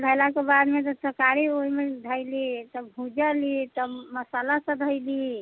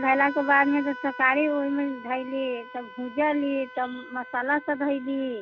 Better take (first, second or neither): first